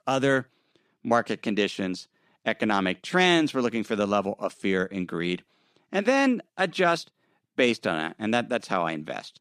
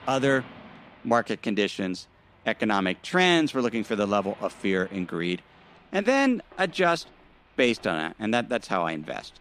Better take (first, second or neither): first